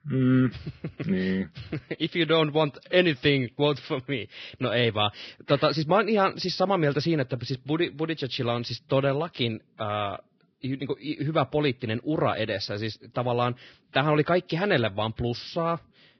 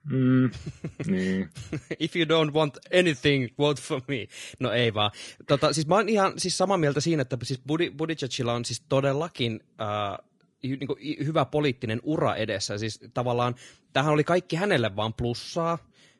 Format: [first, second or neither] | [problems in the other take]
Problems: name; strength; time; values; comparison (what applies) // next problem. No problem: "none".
second | garbled, watery; badly; nothing above 5.5 kHz; slightly in the second